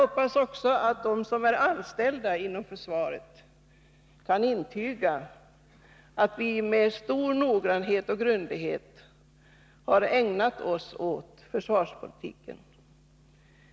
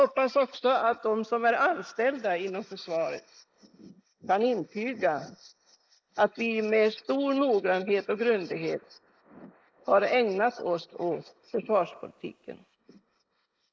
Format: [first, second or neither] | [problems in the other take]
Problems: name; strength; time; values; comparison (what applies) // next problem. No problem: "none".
first | noise reduction (neural mask model Resemble Enhance denoiser)